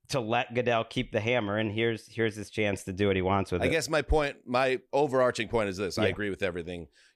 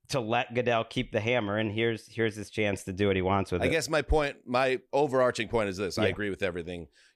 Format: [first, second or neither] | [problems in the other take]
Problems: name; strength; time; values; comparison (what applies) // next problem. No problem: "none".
neither | none